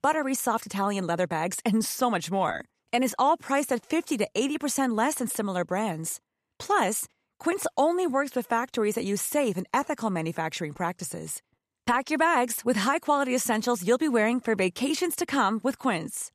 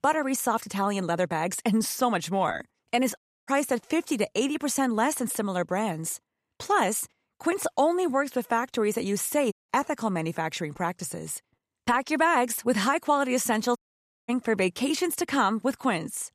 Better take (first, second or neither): first